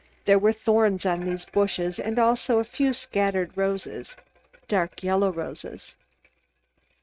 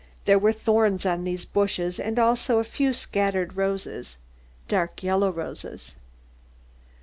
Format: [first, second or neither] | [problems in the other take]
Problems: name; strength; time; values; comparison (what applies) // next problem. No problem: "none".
second | noise reduction (neural mask model RNNoise)